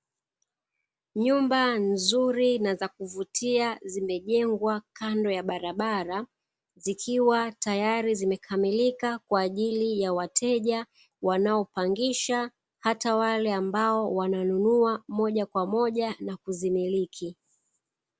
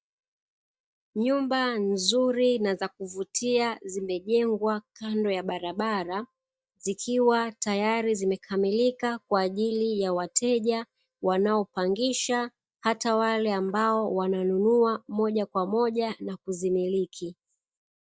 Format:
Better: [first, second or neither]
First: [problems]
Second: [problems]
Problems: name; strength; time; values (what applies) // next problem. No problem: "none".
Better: first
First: none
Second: noise reduction (neural mask model DeepFilterNet 3)